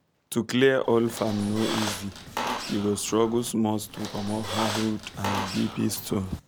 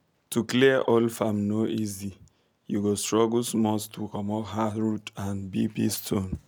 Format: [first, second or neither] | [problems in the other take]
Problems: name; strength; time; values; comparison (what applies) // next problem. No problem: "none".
second | background sound (Squeak); 8 dB below the speech